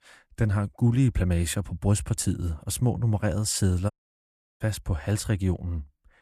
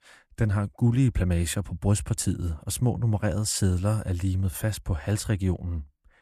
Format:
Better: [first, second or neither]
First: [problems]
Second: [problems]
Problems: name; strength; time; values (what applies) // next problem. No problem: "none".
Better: second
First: audio cutting out; at 4 s for 0.5 s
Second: none